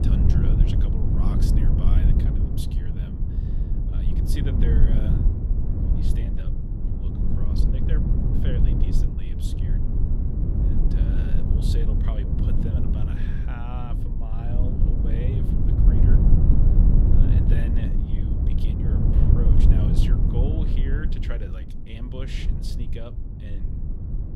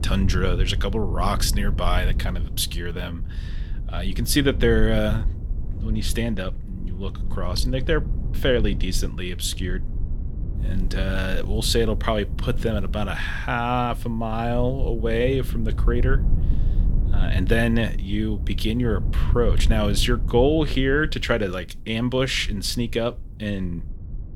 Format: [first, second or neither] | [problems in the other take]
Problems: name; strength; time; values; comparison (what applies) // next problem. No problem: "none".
second | wind noise on the microphone; heavy; 5 dB above the speech; occasional gusts in the second